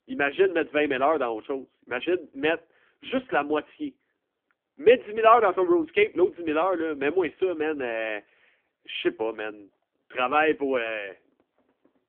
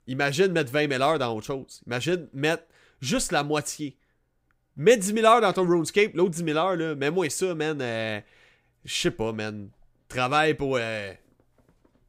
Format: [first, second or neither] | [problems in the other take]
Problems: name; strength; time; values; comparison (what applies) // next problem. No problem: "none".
second | phone-call audio; poor line; nothing above 3 kHz